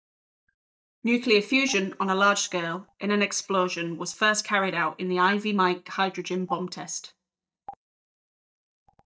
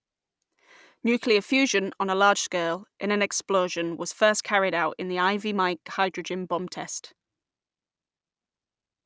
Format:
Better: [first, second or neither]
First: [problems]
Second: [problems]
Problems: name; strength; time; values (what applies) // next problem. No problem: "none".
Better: second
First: noise reduction (neural mask model DeepFilterNet 3)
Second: none